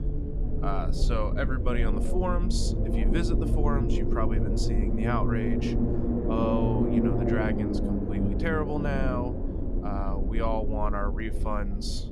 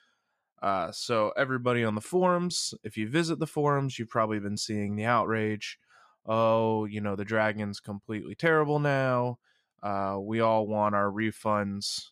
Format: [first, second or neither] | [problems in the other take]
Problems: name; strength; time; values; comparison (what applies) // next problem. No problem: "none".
second | low rumble; loud; throughout; 2 dB below the speech